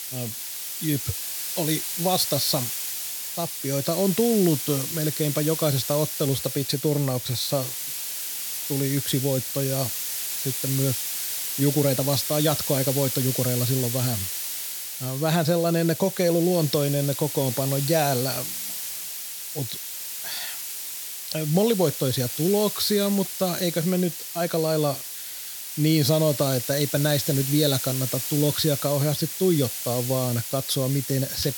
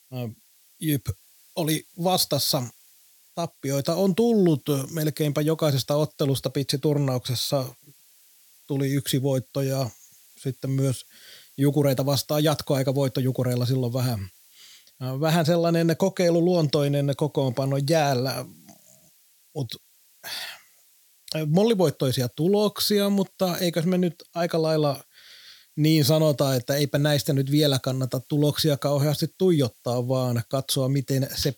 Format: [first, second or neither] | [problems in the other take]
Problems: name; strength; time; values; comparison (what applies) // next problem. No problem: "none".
second | hiss; loud; throughout; 4 dB below the speech; faint in the second